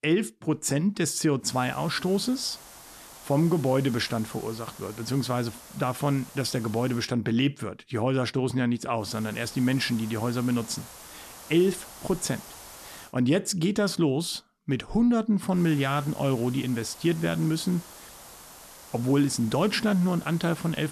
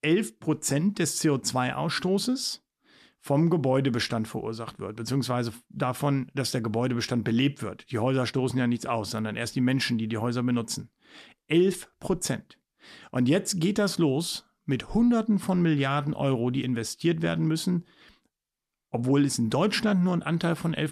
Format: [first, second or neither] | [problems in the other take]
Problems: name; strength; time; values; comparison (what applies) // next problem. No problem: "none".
second | hiss; noticeable; from 1.5 to 7 s, from 9 to 13 s and from 16 s on; 20 dB below the speech